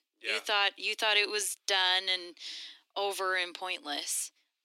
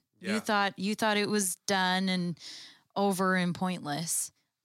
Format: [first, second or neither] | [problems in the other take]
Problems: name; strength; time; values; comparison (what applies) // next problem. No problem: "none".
second | thin; very; fading below 300 Hz